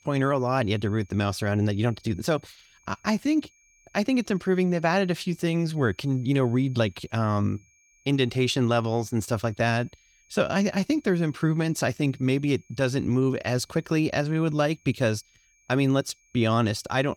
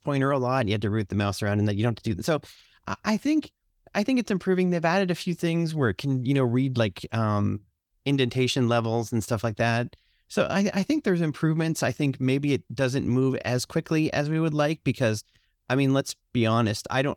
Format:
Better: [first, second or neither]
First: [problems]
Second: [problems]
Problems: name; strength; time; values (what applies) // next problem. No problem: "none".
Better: second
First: high-pitched whine; faint; throughout; 2.5 kHz, 35 dB below the speech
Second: none